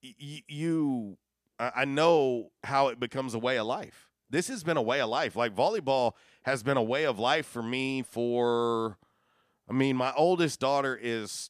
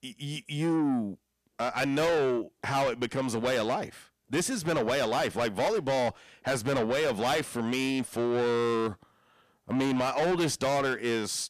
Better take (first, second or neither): first